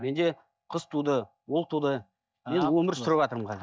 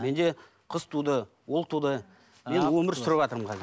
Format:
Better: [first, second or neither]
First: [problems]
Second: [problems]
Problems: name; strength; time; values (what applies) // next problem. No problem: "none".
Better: second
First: noise reduction (neural mask model DeepFilterNet 3)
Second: none